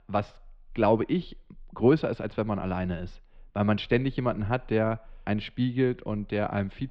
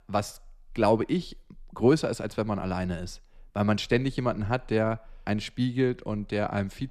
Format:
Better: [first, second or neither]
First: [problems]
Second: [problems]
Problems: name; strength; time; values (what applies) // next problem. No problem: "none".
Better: second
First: muffled; slightly; fading above 3.5 kHz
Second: none